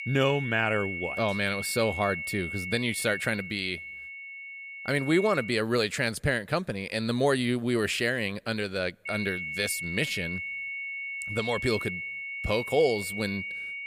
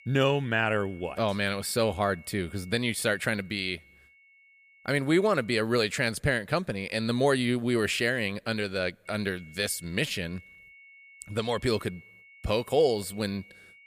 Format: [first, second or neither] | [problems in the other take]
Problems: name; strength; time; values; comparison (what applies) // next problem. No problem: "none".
second | high-pitched whine; loud; until 5.5 s and from 9 s on; 2 kHz, 6 dB below the speech; faint in the second